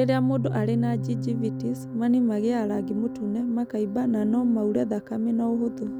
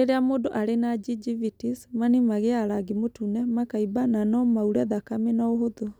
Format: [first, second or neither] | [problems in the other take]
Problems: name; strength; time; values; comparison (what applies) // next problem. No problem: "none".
second | background sound (Organ); 8 dB below the speech